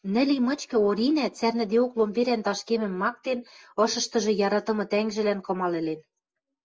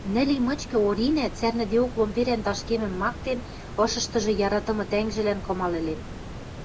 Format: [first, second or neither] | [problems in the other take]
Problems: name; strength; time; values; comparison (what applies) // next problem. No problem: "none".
first | background sound (Water); 11 dB below the speech